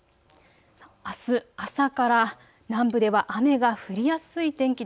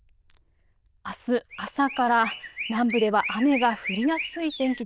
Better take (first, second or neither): first